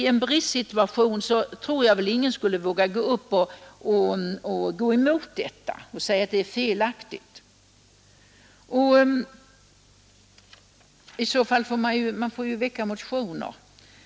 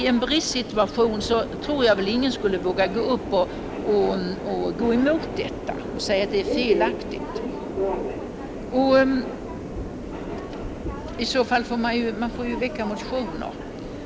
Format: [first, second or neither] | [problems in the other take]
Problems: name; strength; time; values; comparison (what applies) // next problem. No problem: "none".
first | background sound (Subway, metro, underground); 6 dB below the speech